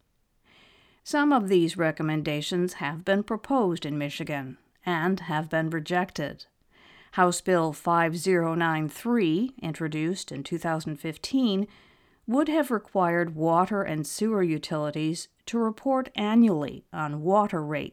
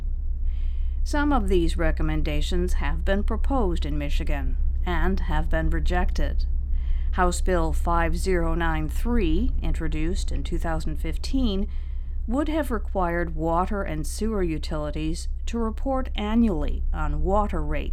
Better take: first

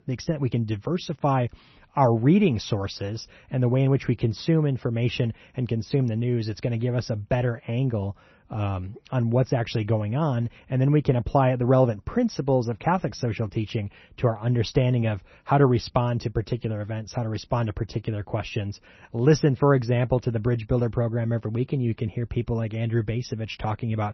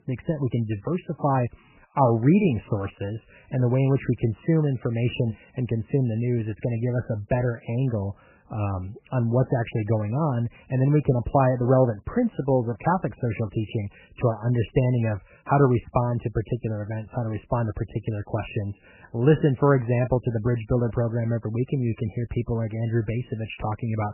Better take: first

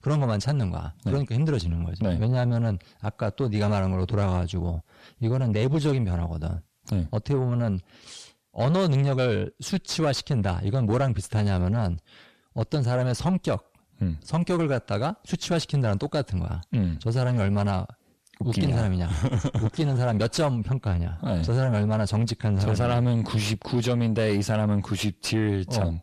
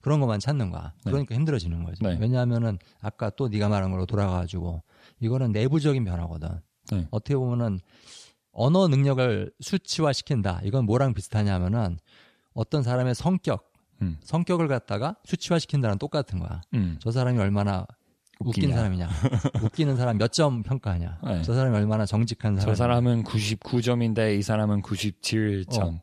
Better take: second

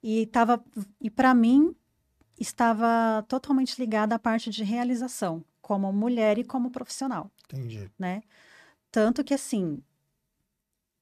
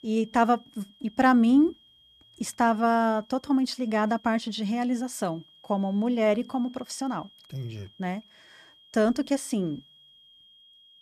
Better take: first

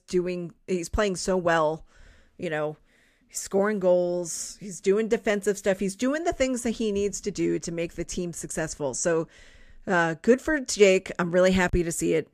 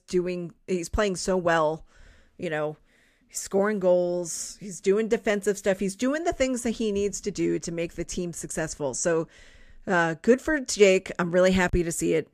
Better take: neither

